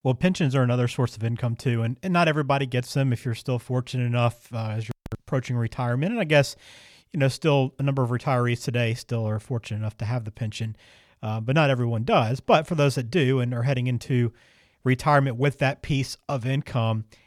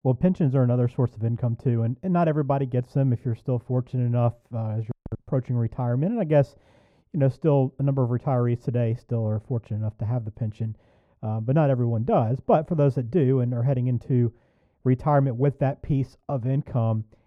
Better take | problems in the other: first | muffled; very; fading above 1.5 kHz

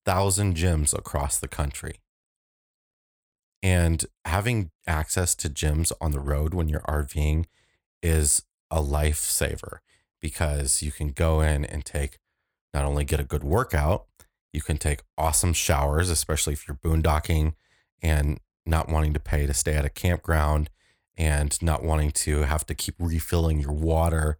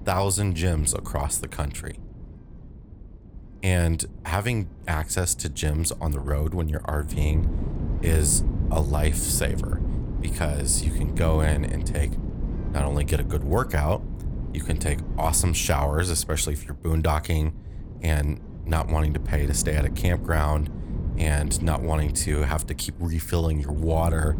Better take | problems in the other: first | wind noise on the microphone; occasional gusts; 15 dB below the speech

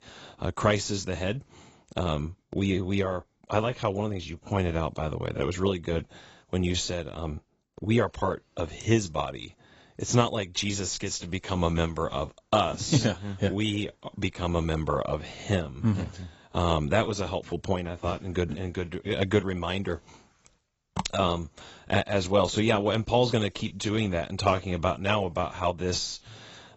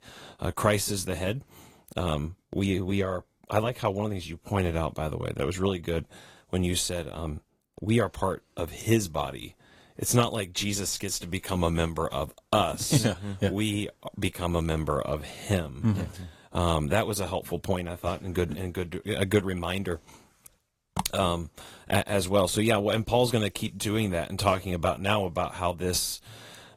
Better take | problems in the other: second | garbled, watery; badly; nothing above 7.5 kHz; slightly in the second

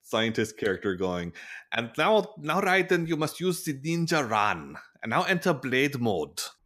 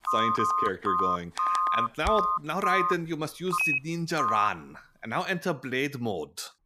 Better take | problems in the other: first | phone ringing; loud; until 4.5 s; peak 6 dB above the speech

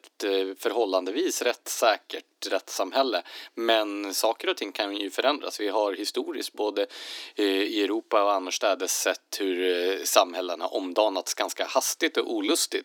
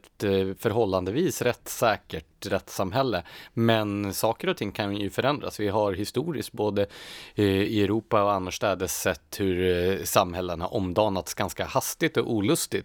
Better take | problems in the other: second | thin; somewhat; fading below 250 Hz

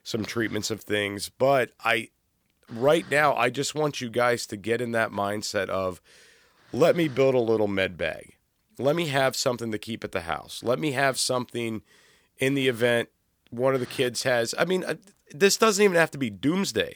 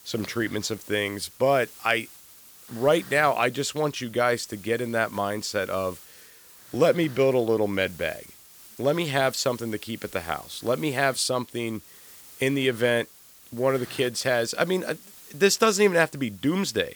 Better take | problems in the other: first | hiss; faint; throughout; 20 dB below the speech

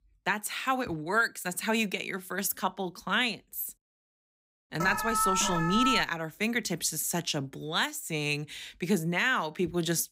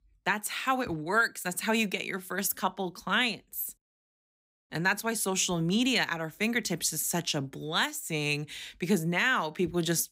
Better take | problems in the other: second | alarm; loud; from 5 to 6 s; peak 1 dB above the speech

